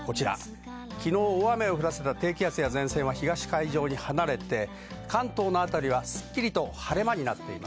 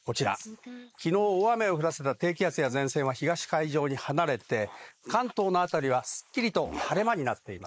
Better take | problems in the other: first | noise reduction (neural mask model Resemble Enhance denoiser)

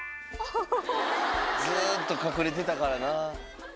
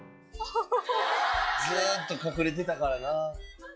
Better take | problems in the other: first | noise reduction (classical method log-MMSE)

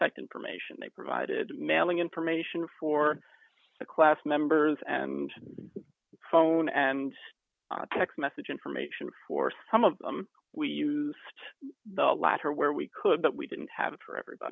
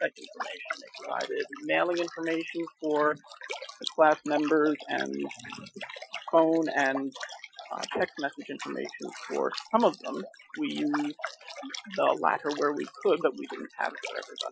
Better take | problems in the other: first | noise reduction (classical method Wiener filter)

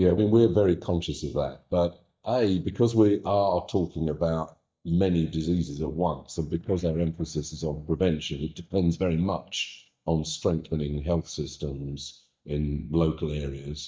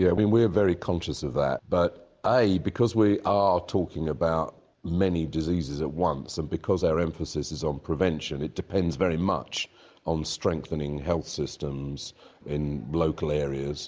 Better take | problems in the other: second | noise reduction (neural mask model DeepFilterNet 3)

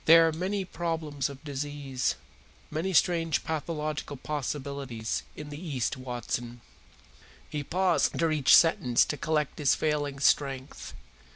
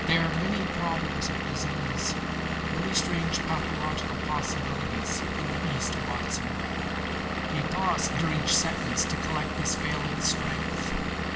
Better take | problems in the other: first | background sound (Engine / Vehicle); 2 dB above the speech // room echo; dies away in 2.1 s

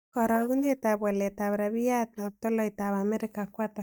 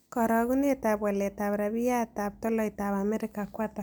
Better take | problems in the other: second | noise reduction (neural mask model DeepFilterNet 3)

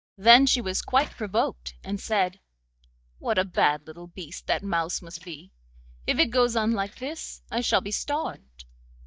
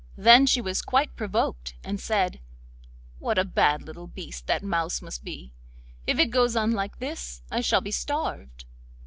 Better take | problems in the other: second | noise reduction (neural mask model DeepFilterNet 3)

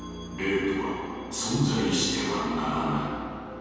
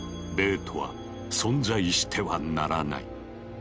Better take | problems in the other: second | room echo; dies away in 2.1 s

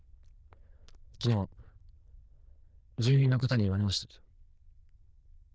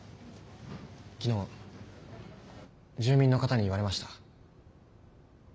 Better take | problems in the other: second | noise reduction (neural diffusion model UNIVERSE++)

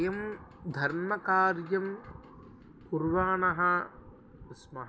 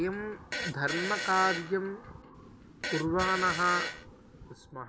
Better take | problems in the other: first | background sound (Fart); 6 dB below the speech

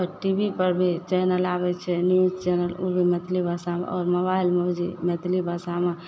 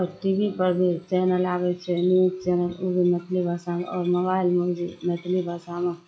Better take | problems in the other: first | noise reduction (classical method log-MMSE)

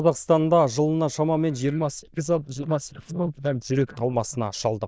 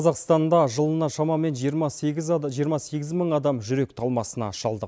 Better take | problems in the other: second | noise reduction (neural diffusion model UNIVERSE++)

